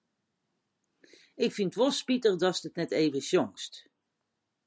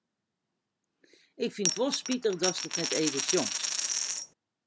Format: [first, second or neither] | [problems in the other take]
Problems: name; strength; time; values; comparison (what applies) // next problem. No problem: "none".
first | background sound (Coin (dropping)); 2 dB above the speech